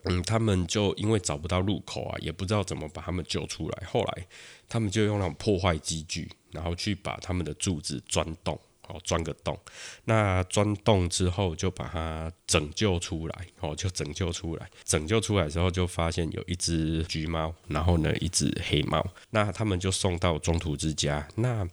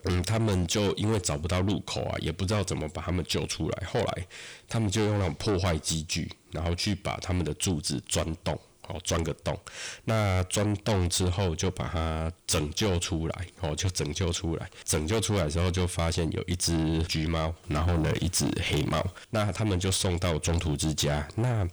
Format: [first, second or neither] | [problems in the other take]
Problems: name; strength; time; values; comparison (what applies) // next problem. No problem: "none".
first | distortion; heavy; 7 dB below the speech